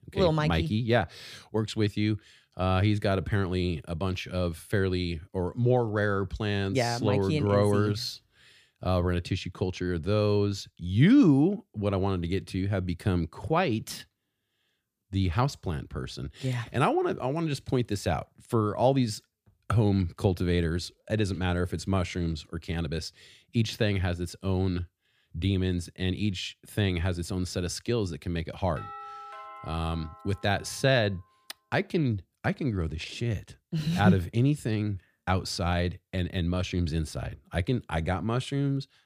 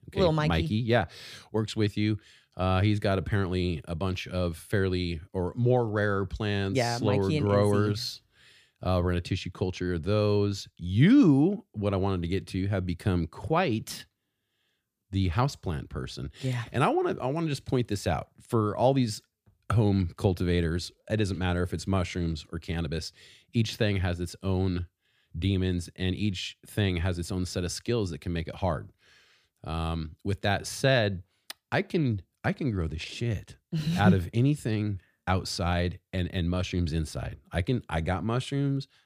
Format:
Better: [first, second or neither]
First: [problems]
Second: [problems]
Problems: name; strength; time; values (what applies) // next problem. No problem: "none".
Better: second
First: doorbell; faint; from 29 to 31 s; peak 10 dB below the speech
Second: none